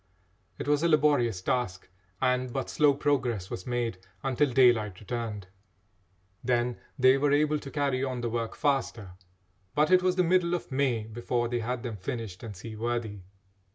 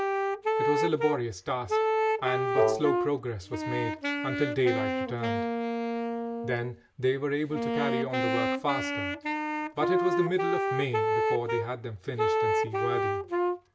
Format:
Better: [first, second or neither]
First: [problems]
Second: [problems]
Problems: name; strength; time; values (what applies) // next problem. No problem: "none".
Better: first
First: none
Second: background sound (Wind instrument, woodwind instrument + Wind instrument, woodwind instrument); 3 dB above the speech